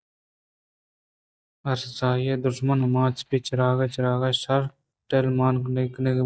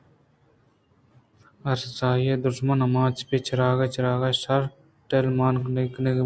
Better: second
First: noise reduction (neural mask model DeepFilterNet 3)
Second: none

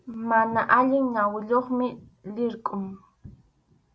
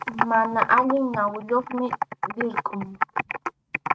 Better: first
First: none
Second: noise reduction (neural mask model RNNoise)

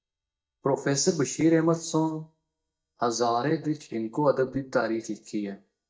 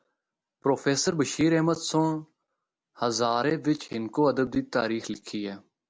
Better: second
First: noise reduction (neural mask model DeepFilterNet 3)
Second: none

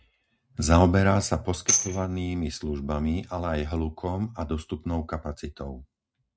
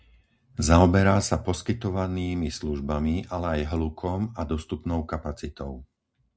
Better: second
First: noise reduction (neural mask model RNNoise)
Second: none

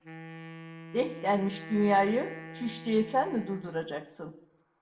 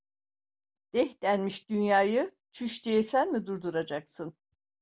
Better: second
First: background sound (Wind instrument, woodwind instrument); 15 dB below the speech // room echo; dies away in 0.6 s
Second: none

